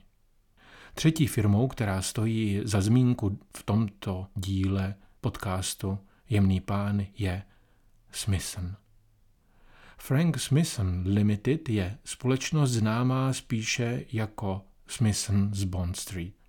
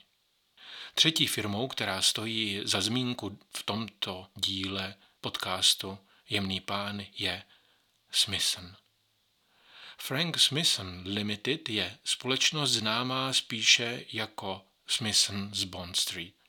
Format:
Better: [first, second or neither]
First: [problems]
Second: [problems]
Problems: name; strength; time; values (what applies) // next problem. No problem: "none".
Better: first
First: none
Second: thin; somewhat; fading below 700 Hz